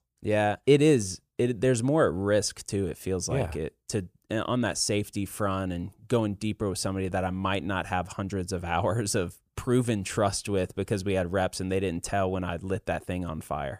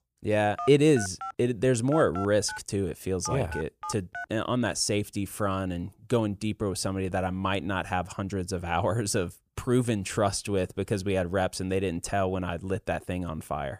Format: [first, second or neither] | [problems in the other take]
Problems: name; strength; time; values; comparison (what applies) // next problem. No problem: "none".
first | phone ringing; noticeable; from 0.5 to 4.5 s; peak 8 dB below the speech